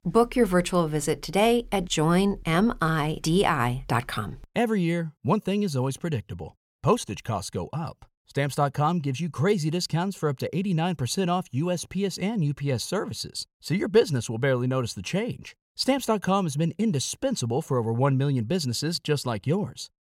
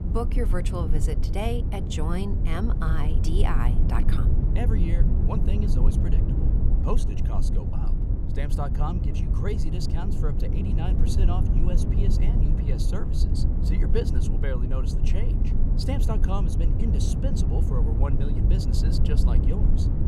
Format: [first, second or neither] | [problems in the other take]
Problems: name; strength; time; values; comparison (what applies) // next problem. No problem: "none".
first | low rumble; loud; throughout; 2 dB below the speech